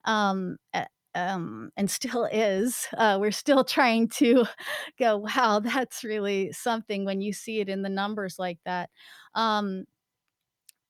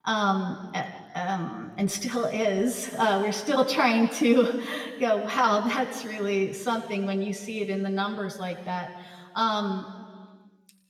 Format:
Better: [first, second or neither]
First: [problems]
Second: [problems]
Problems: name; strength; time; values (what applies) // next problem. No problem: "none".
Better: first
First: none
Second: room echo; slight; dies away in 1.6 s // off-mic speech; somewhat distant